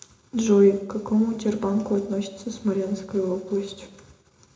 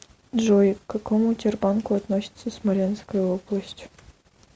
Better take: second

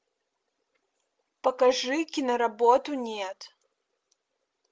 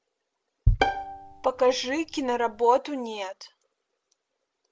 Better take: first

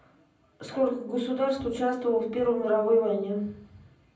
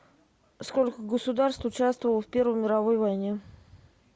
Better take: second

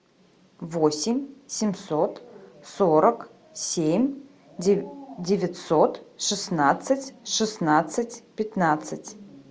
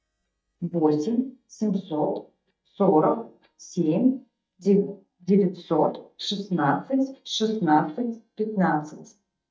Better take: first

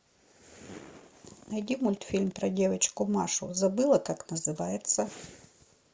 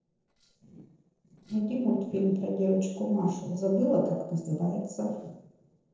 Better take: first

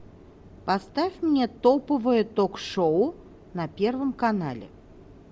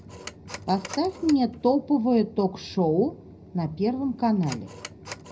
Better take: first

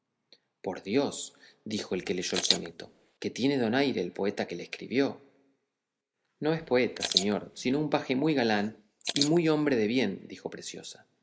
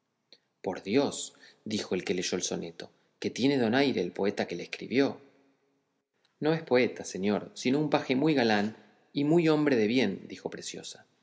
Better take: second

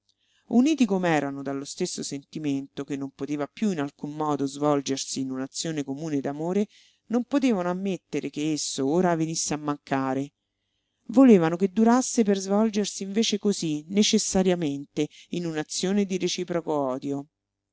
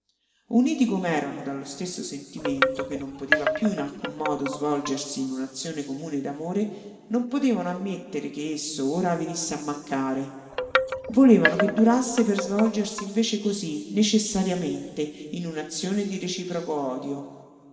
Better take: first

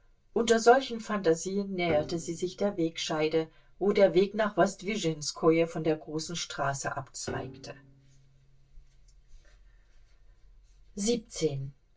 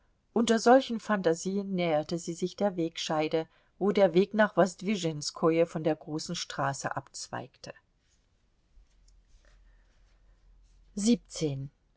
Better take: second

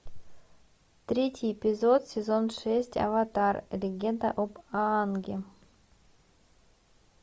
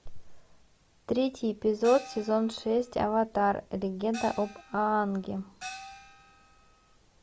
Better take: first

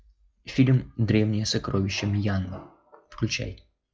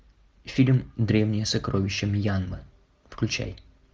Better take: second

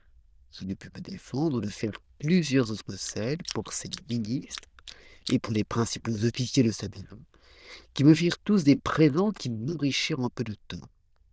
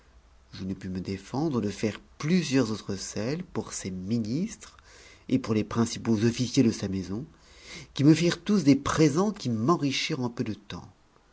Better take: second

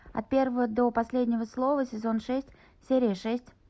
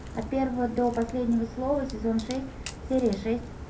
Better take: first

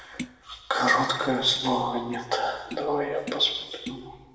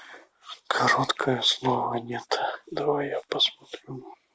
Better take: second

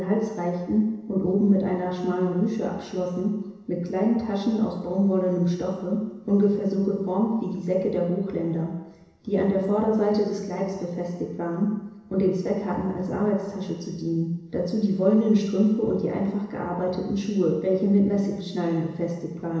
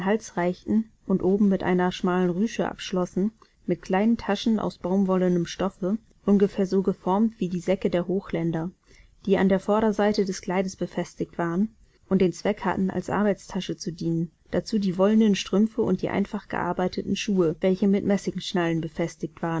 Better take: second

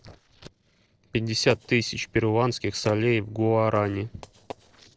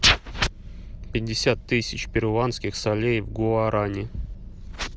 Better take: second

